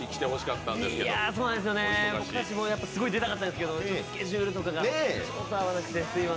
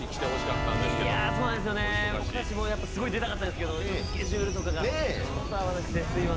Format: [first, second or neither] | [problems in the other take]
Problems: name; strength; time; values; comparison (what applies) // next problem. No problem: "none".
first | background sound (Train + Keyboard (musical)); as loud as the speech